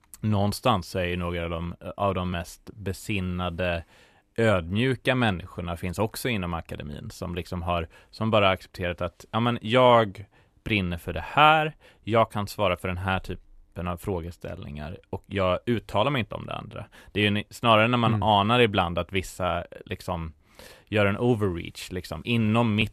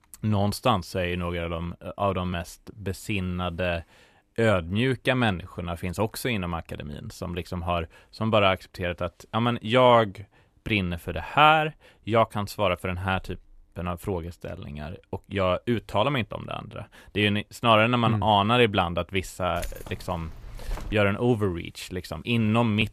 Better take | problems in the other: first | jangling keys; faint; from 20 to 21 s; peak 15 dB below the speech

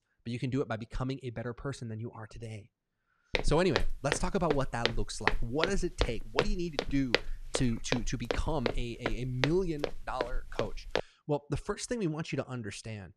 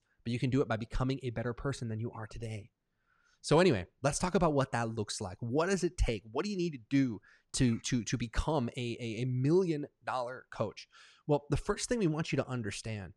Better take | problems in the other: second | footsteps; loud; from 3.5 to 11 s; peak 4 dB above the speech

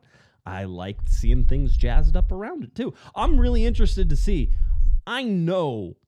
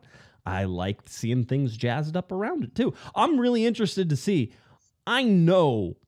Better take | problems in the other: second | low rumble; noticeable; from 1 to 2.5 s and from 3 to 5 s; 20 dB below the speech

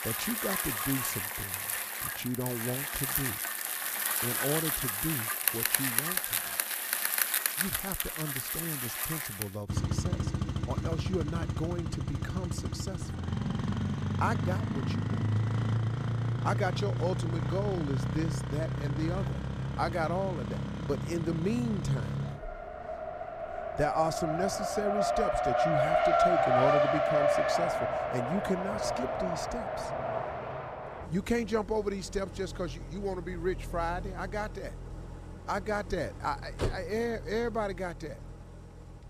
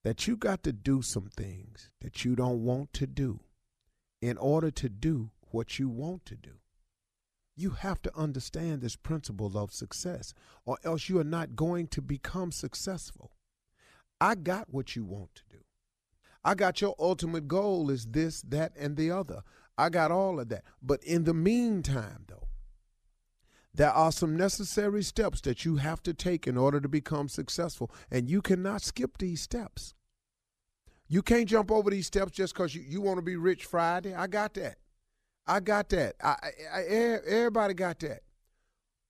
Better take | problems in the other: second | traffic noise; very loud; throughout; 4 dB above the speech

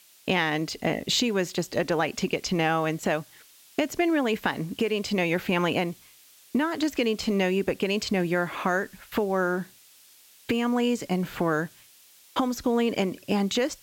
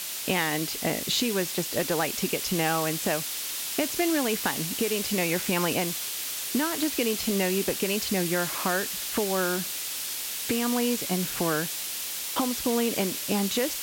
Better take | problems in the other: first | hiss; loud; throughout; 1 dB below the speech; faint in the first

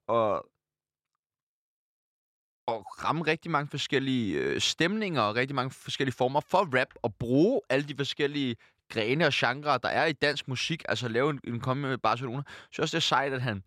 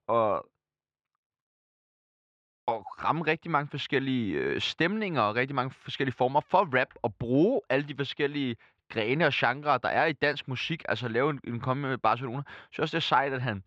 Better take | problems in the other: first | muffled; slightly; fading above 2.5 kHz

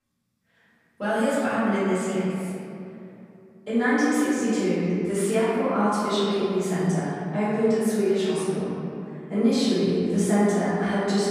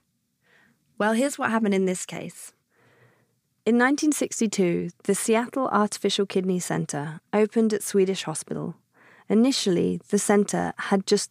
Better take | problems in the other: second | off-mic speech; far // room echo; strong; dies away in 2.5 s

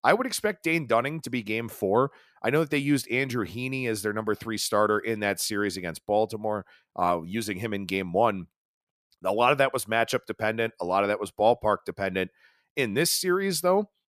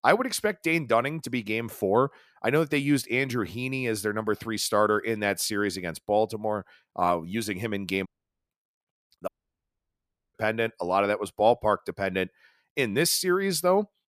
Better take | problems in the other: first | audio cutting out; at 8 s and at 9.5 s for 1 s

